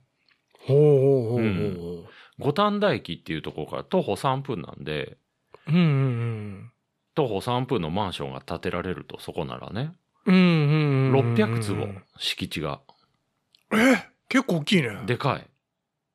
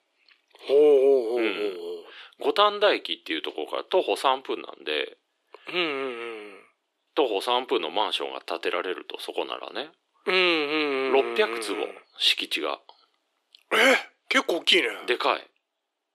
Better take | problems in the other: first | thin; very; fading below 300 Hz

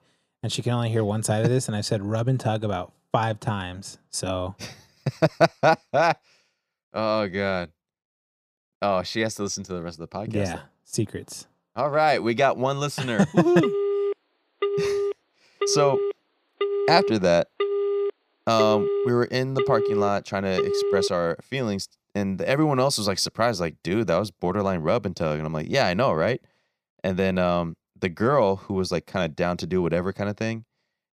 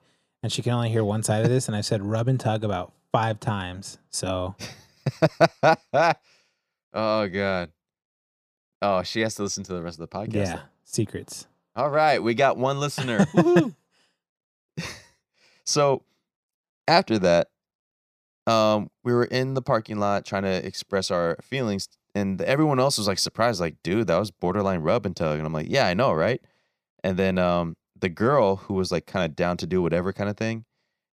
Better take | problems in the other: second | phone ringing; loud; from 14 to 21 s; peak level with the speech

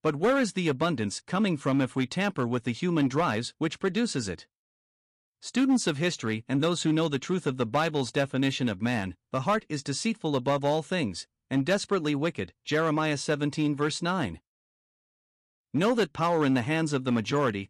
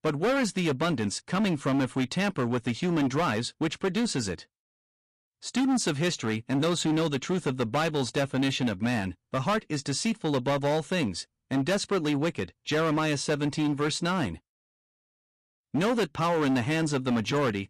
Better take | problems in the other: first | distortion; slight; 14% of the sound clipped

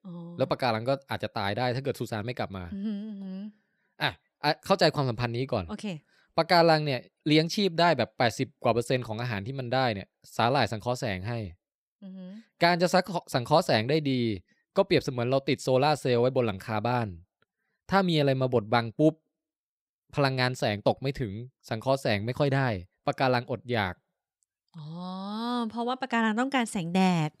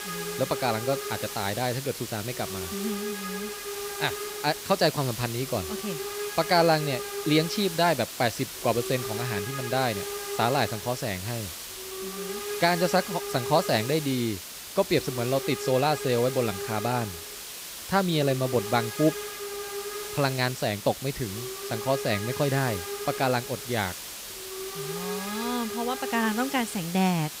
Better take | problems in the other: first | hiss; loud; throughout; 6 dB below the speech

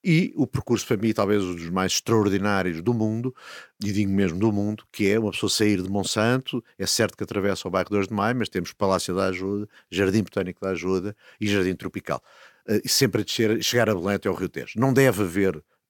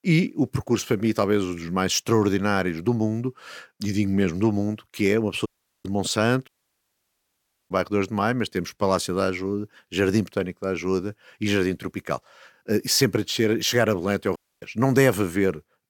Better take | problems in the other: first | audio cutting out; at 5.5 s, at 6.5 s for 1 s and at 14 s

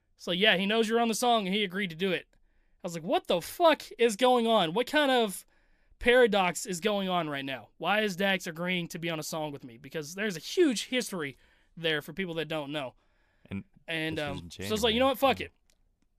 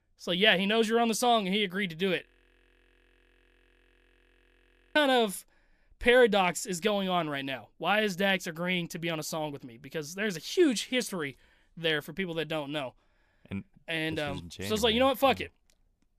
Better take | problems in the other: first | audio freezing; at 2.5 s for 2.5 s

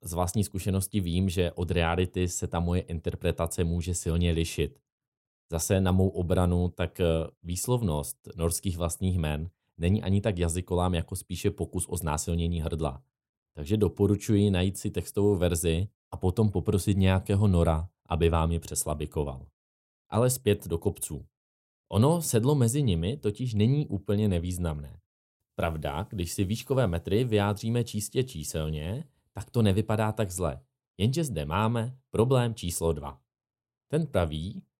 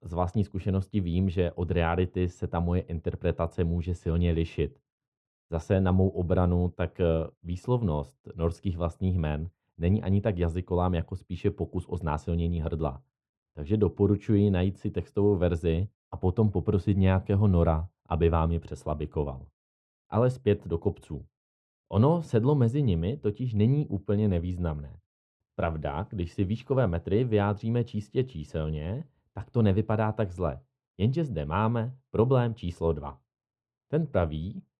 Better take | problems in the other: first | muffled; very; fading above 2 kHz

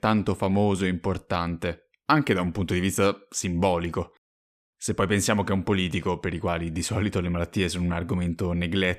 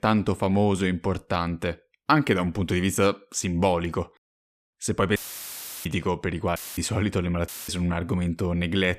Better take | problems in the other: first | audio cutting out; filled with static; at 5 s for 0.5 s, at 6.5 s and at 7.5 s

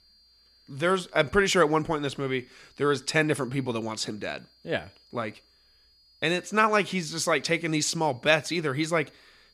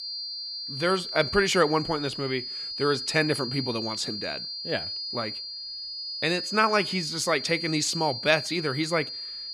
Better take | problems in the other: first | high-pitched whine; loud; throughout; 4.5 kHz, 5 dB below the speech; faint in the first

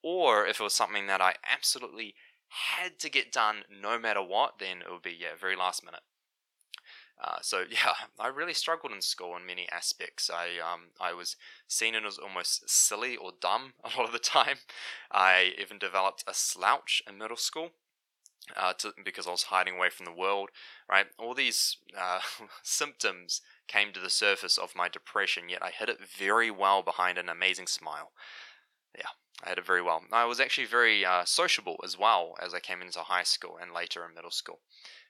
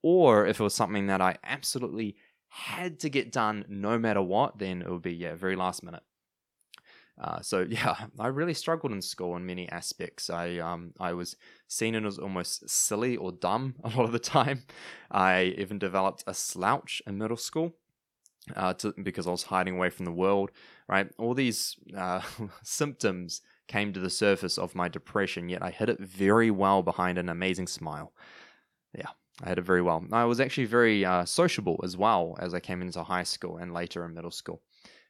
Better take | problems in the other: second | thin; very; fading below 750 Hz

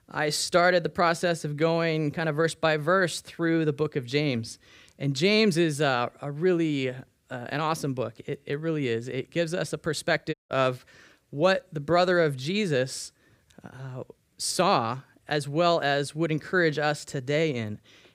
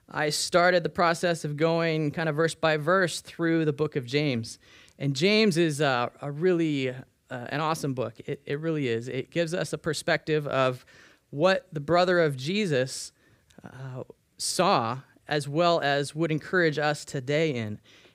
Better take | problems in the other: second | audio cutting out; at 10 s

